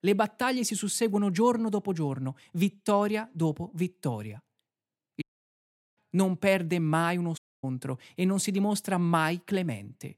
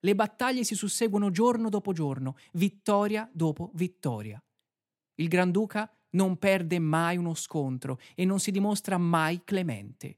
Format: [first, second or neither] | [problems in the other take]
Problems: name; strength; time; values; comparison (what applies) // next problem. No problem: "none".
second | audio cutting out; at 5 s for 1 s and at 7.5 s